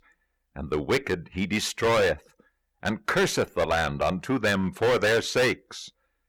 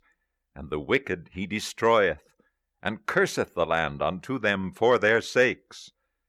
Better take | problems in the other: second | distortion; heavy; 9% of the sound clipped

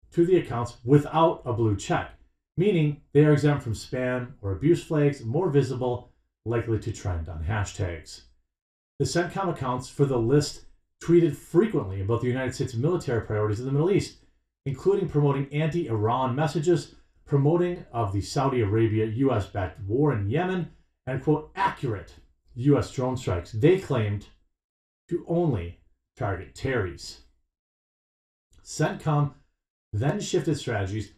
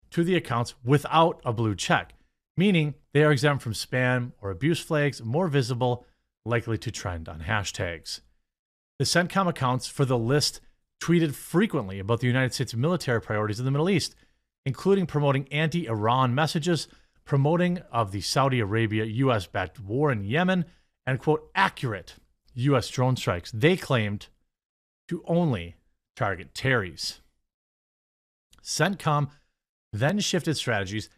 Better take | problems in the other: second | room echo; very slight; dies away in 0.3 s // off-mic speech; somewhat distant

